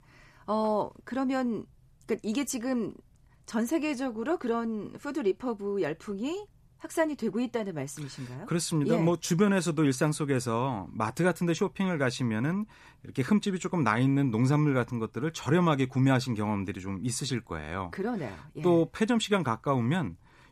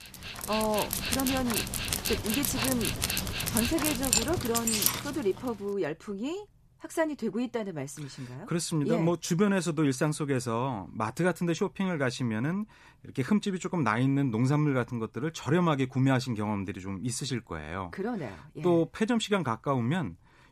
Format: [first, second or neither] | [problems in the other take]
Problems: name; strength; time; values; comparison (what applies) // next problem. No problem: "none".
first | dog barking; loud; until 5 s; peak 5 dB above the speech